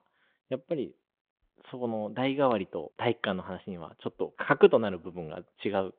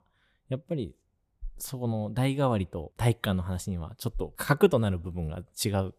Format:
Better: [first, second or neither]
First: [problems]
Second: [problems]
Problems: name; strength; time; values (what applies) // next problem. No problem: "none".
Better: second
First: phone-call audio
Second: none